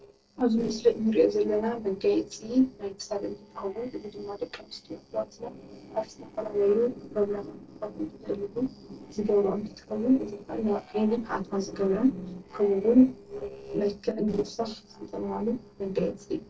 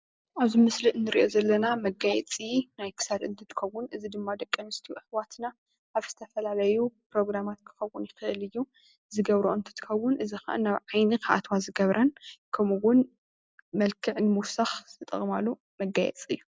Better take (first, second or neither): second